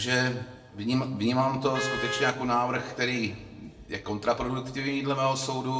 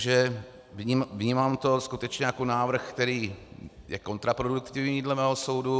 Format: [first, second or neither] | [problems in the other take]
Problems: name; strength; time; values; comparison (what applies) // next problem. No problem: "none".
second | background sound (Vehicle horn, car horn, honking); 10 dB below the speech // room echo; dies away in 0.5 s